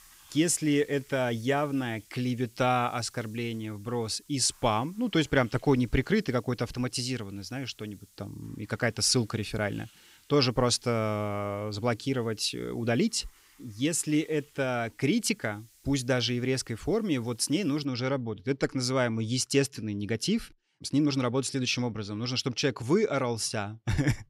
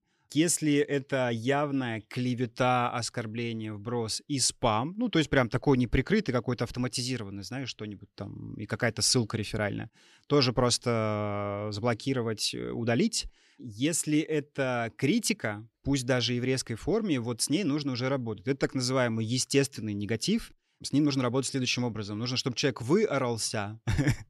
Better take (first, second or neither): second